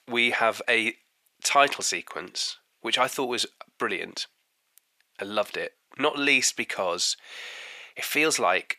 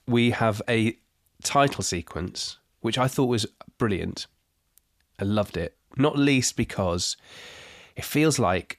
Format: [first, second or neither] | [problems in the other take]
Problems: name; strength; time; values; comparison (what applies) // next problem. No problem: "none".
second | thin; somewhat; fading below 500 Hz